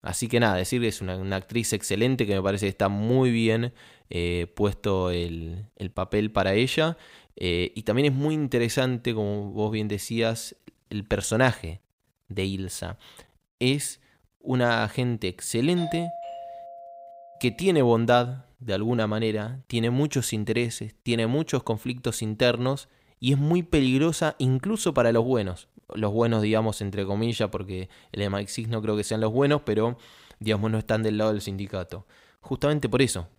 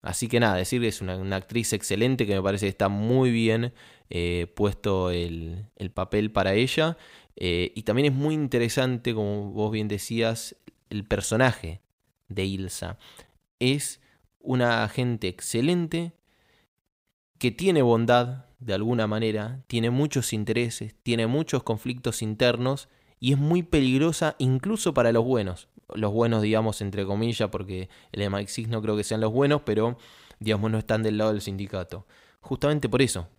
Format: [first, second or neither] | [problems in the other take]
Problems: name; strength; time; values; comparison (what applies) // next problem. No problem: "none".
second | doorbell; noticeable; from 16 to 17 s; peak 8 dB below the speech